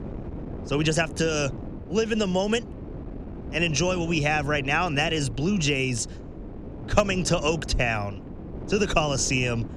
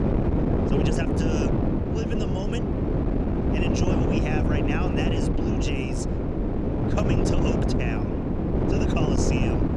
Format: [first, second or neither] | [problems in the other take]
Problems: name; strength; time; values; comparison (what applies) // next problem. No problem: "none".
first | wind noise on the microphone; heavy; 5 dB above the speech; occasional gusts in the first